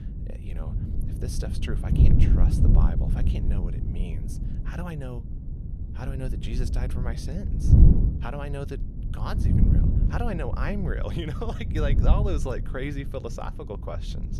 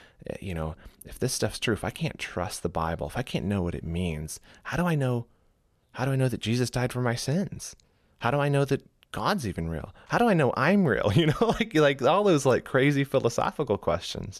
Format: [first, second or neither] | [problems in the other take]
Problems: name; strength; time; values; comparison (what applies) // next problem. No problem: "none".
second | wind noise on the microphone; heavy; 2 dB below the speech